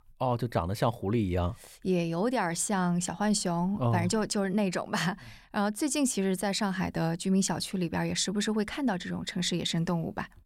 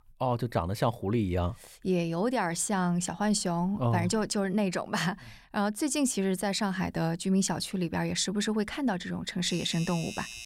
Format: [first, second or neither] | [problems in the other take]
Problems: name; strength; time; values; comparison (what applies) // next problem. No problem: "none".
first | doorbell; noticeable; from 9.5 s on; peak 10 dB below the speech